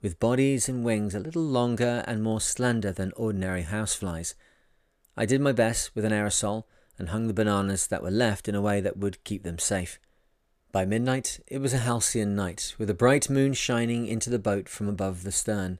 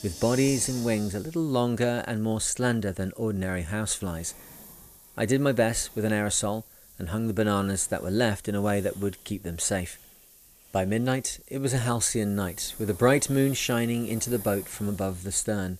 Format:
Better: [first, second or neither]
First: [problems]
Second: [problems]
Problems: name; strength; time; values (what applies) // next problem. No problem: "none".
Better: first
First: none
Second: hiss; noticeable; throughout; 15 dB below the speech